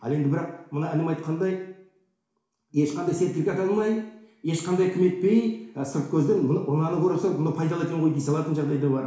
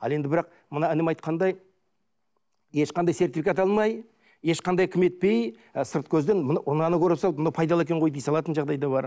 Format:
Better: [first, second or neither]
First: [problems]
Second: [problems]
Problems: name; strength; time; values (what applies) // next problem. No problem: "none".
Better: second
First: room echo; dies away in 0.7 s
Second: none